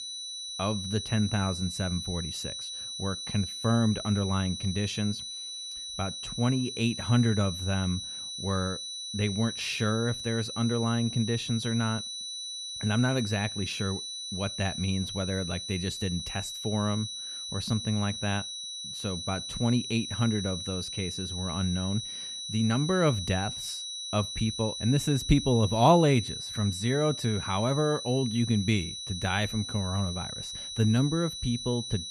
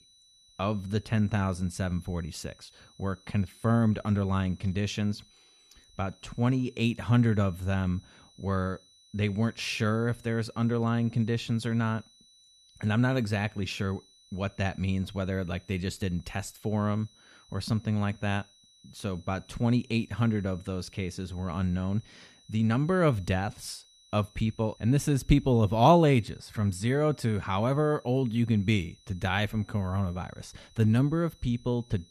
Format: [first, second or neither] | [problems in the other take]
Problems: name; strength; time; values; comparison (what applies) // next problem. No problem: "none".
second | high-pitched whine; loud; throughout; 4 kHz, 6 dB below the speech; faint in the second